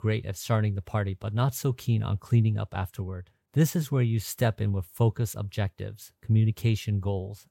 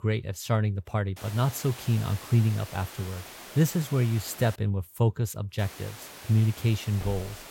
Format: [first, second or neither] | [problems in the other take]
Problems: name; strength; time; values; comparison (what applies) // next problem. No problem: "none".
first | hiss; noticeable; from 1 to 4.5 s and from 5.5 s on; 15 dB below the speech